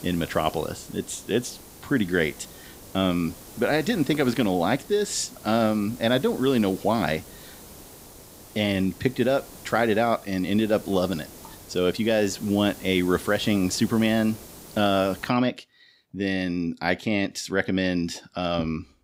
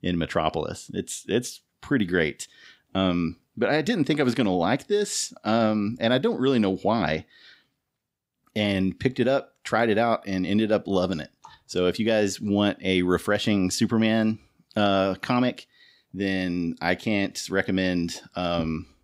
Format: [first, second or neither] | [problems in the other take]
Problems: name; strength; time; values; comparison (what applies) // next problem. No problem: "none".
second | hiss; noticeable; until 15 s; 20 dB below the speech